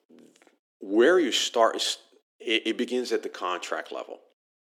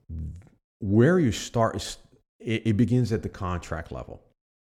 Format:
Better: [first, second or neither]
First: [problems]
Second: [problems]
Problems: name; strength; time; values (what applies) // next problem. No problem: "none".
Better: second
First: thin; very; fading below 300 Hz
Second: none